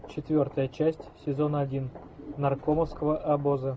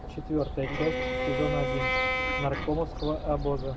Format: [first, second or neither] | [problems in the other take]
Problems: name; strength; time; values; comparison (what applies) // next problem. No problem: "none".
first | background sound (Fowl + Bowed string instrument); as loud as the speech